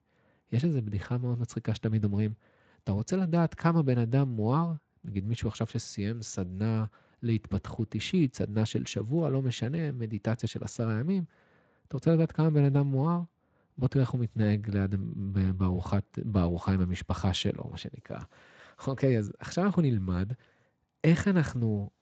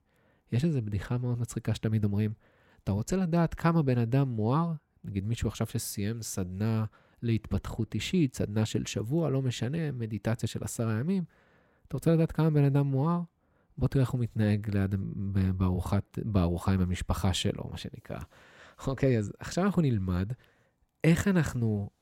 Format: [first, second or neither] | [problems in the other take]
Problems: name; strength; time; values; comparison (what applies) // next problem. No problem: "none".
second | garbled, watery; slightly; nothing above 7.5 kHz